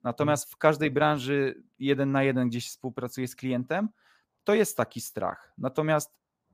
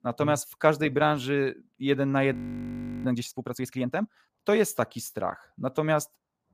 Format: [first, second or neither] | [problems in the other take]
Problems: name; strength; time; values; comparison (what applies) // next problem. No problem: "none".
first | audio freezing; at 2.5 s for 0.5 s